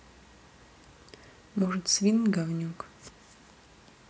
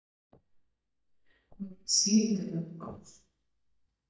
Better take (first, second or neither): first